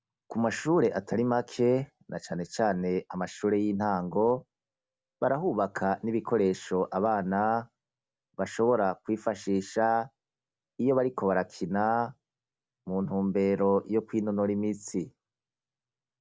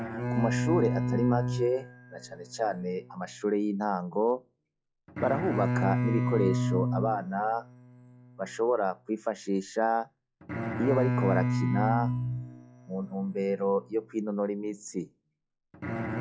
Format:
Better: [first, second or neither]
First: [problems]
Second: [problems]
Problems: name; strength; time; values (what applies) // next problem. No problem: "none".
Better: first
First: none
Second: noise reduction (classical method log-MMSE)